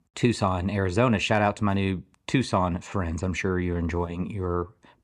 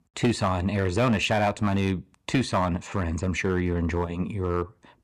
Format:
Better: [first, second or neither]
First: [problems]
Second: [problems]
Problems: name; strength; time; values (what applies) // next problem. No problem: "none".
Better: first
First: none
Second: distortion; slight; 3% of the sound clipped